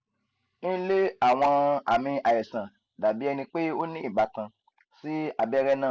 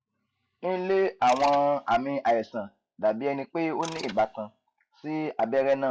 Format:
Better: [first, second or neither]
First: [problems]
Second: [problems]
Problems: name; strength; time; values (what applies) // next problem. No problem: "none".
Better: first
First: none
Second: noise reduction (classical method log-MMSE)